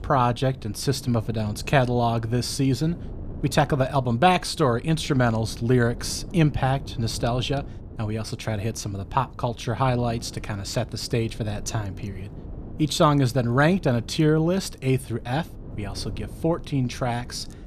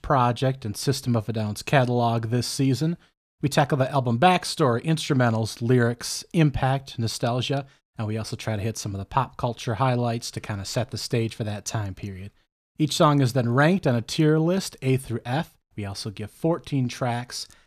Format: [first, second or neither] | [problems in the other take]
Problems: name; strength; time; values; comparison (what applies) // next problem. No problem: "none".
second | wind noise on the microphone; occasional gusts; 20 dB below the speech